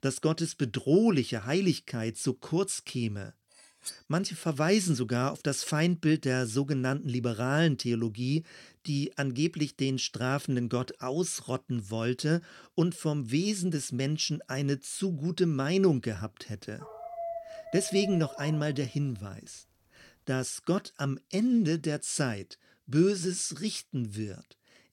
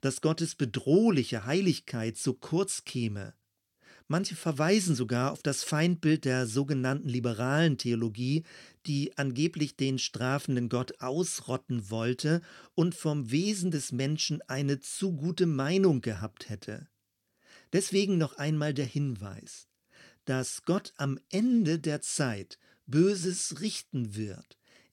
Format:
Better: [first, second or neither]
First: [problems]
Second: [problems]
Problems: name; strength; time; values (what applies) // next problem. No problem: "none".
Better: second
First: clattering dishes; faint; at 4 s; peak 10 dB below the speech // dog barking; noticeable; from 17 to 19 s; peak 8 dB below the speech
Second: none